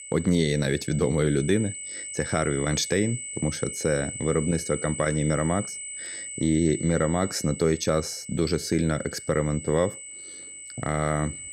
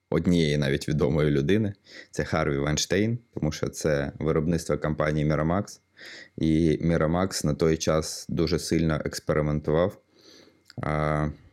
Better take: second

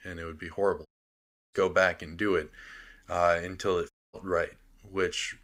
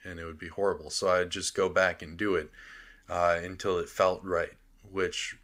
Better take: second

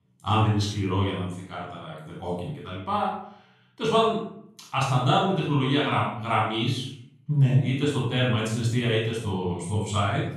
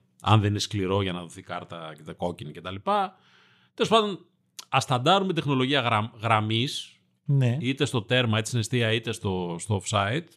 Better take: second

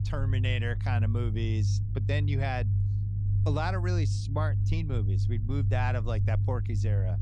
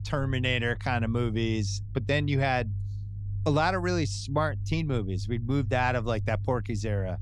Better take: second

